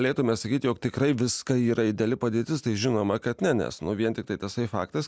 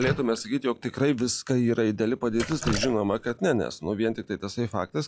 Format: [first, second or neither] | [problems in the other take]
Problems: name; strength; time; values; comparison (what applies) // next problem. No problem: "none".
first | noise reduction (classical method log-MMSE)